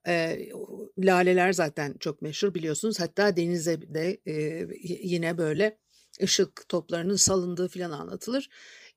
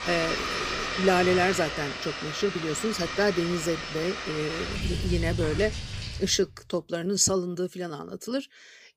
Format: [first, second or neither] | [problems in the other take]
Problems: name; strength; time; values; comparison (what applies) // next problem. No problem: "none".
first | household noises; loud; until 6 s; 4 dB below the speech